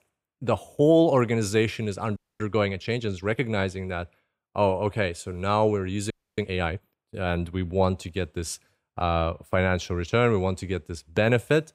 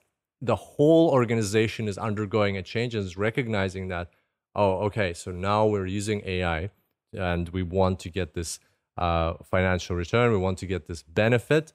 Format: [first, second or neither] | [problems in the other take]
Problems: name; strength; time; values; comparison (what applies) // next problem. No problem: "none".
second | audio freezing; at 2 s and at 6 s